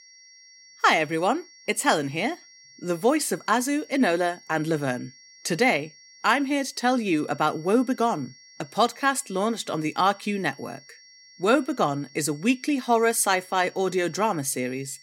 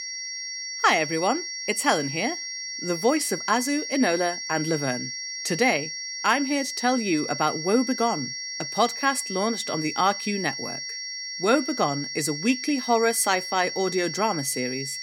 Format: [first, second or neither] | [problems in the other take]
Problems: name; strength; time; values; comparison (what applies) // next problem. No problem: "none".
first | high-pitched whine; loud; throughout; 5.5 kHz, 6 dB below the speech; faint in the first